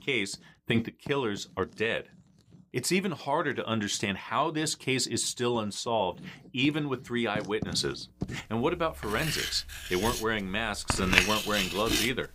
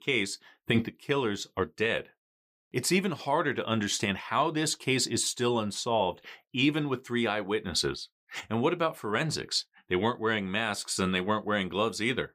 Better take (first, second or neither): second